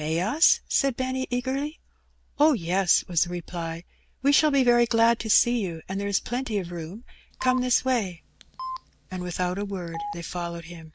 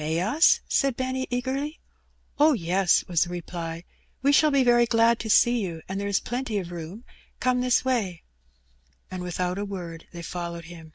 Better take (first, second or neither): second